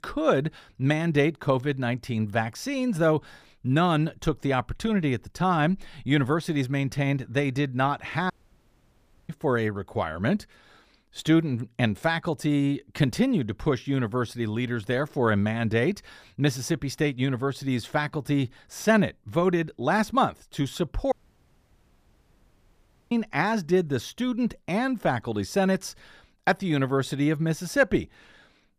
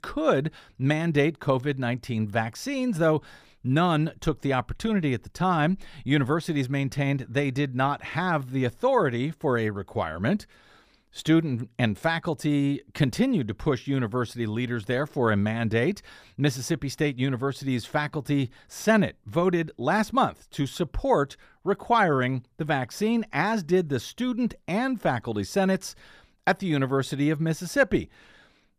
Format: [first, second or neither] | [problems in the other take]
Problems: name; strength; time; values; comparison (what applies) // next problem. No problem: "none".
second | audio cutting out; at 8.5 s for 1 s and at 21 s for 2 s